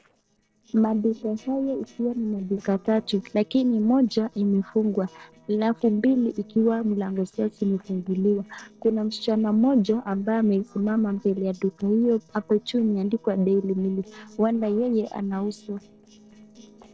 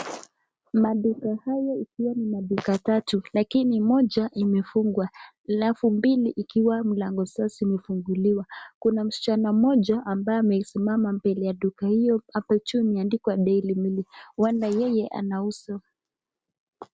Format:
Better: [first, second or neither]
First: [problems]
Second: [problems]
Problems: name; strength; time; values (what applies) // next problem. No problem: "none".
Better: second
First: noise reduction (neural separator model SepFormer DNS4)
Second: none